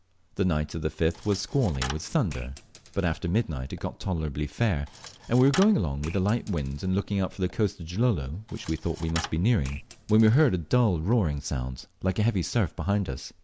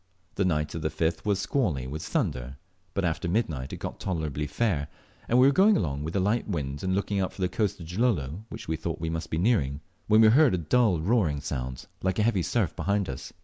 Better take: second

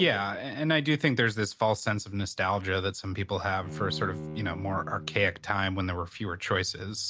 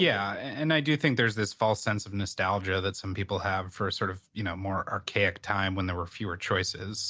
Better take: second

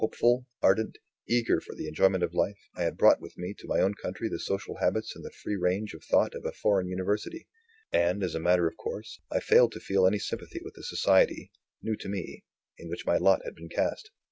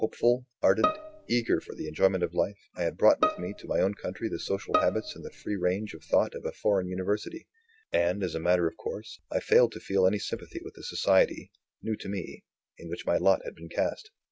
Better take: first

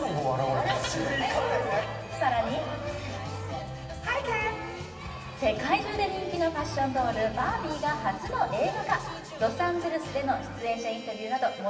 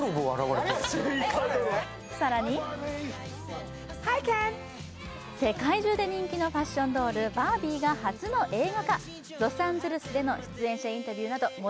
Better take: second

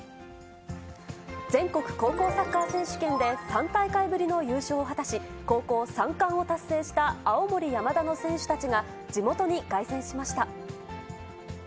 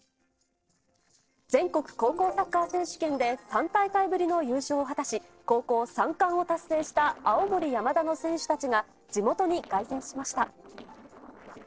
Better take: first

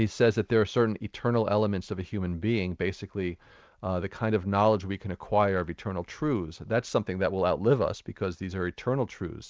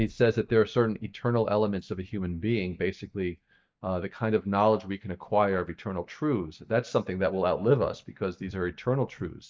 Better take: first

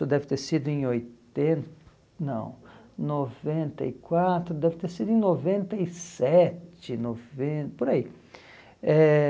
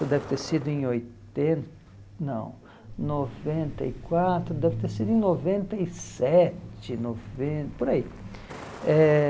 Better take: first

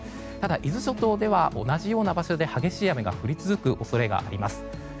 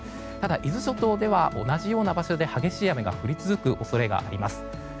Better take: first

